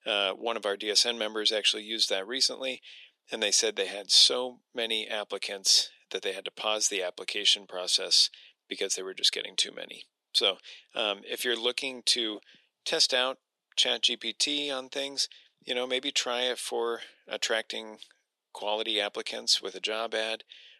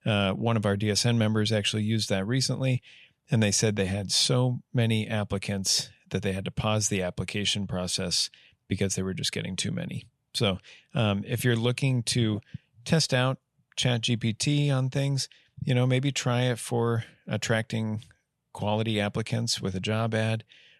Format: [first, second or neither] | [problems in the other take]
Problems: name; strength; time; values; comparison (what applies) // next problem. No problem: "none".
second | thin; very; fading below 300 Hz